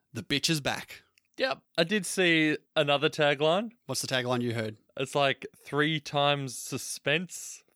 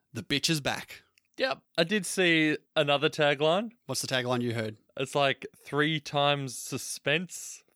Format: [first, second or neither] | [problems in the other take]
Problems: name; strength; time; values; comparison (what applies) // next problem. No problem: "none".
neither | none